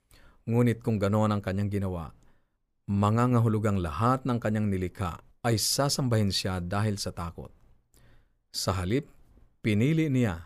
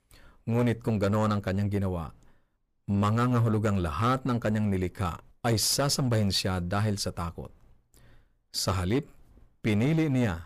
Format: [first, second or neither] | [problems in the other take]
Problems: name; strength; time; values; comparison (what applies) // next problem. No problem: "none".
first | distortion; slight; 8% of the sound clipped